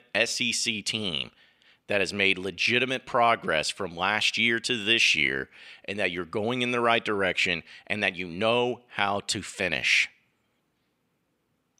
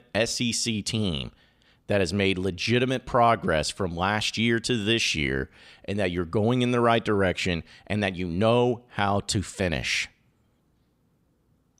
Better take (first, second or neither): second